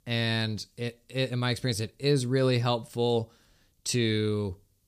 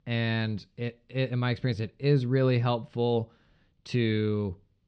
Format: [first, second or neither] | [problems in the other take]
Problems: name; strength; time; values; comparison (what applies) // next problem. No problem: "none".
first | muffled; slightly; fading above 3 kHz